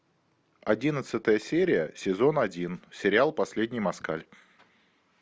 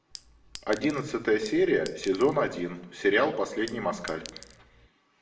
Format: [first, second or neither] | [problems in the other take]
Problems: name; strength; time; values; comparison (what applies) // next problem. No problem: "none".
first | background sound (Chink, clink); 19 dB below the speech // room echo; dies away in 0.8 s